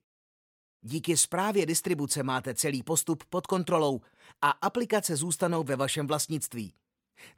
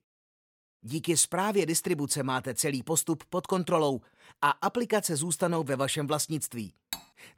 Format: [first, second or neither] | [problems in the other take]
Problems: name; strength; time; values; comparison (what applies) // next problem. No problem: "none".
first | clattering dishes; faint; at 7 s; peak 10 dB below the speech